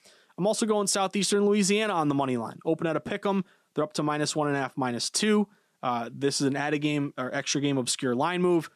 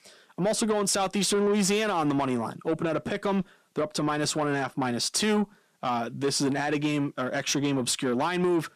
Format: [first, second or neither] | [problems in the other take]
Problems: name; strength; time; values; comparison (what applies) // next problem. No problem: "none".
first | distortion; slight; 10 dB below the speech